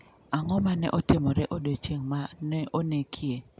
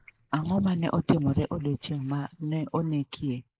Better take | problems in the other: first | noise reduction (neural mask model Resemble Enhance denoiser)

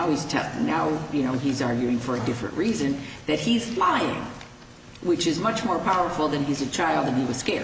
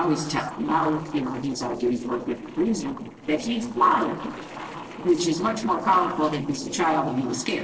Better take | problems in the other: first | noise reduction (neural separator model SepFormer DNS4)

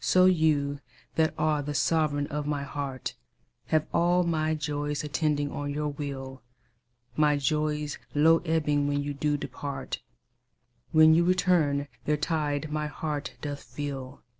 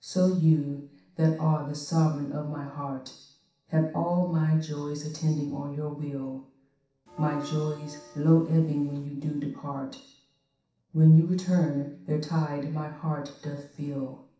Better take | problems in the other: first | background sound (Bell); 18 dB below the speech // room echo; dies away in 0.7 s

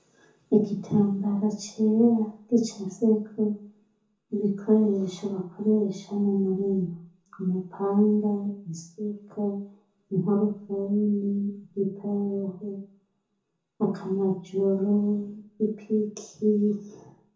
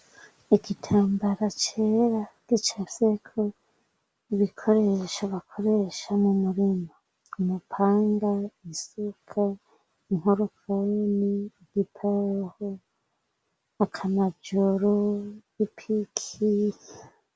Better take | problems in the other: second | room echo; dies away in 0.6 s

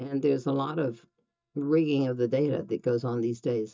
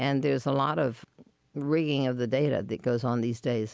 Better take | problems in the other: second | noise reduction (neural mask model DeepFilterNet 3)

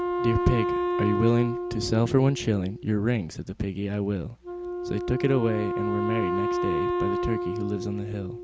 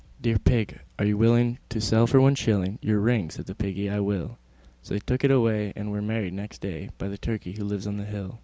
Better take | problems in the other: second | background sound (Wind instrument, woodwind instrument); 2 dB below the speech

